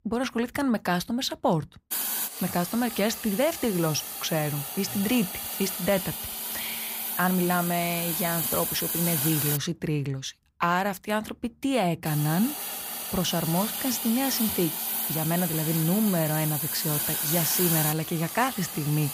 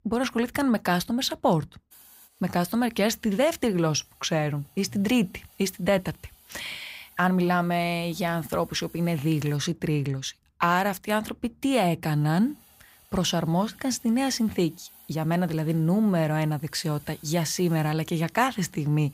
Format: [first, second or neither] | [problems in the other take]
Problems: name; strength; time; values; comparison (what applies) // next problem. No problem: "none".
second | hiss; loud; from 2 to 9.5 s and from 12 s on; 1 dB below the speech; faint in the second